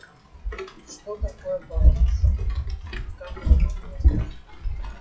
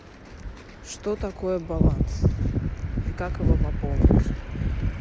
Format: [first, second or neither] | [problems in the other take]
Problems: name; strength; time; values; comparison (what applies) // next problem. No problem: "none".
second | noise reduction (classical method WPE with log-MMSE)